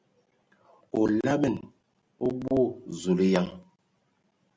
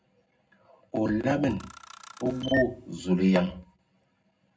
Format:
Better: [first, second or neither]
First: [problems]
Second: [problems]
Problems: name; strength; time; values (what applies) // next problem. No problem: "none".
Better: first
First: none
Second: background sound (Camera); 11 dB below the speech // room echo; dies away in 0.3 s